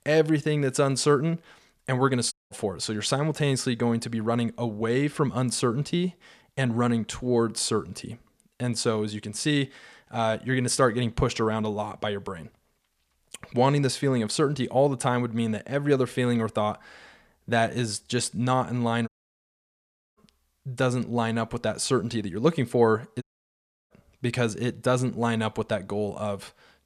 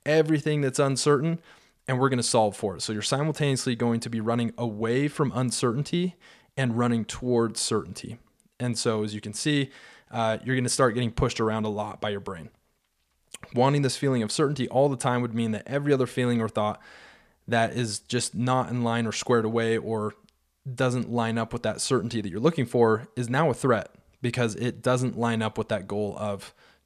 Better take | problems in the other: second | audio cutting out; at 2.5 s, at 19 s for 1 s and at 23 s for 0.5 s

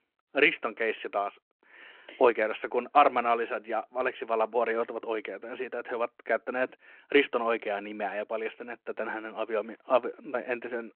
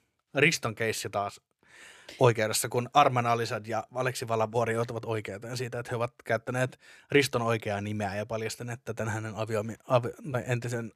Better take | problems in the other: second | phone-call audio

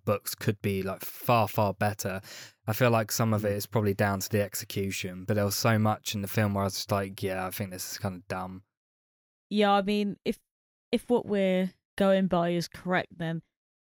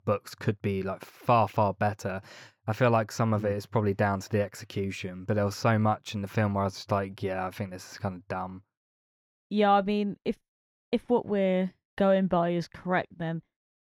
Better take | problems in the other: first | muffled; slightly; fading above 2.5 kHz

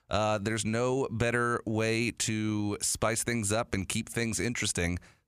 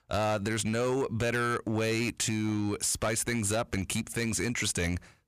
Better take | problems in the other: first | distortion; slight; 11% of the sound clipped

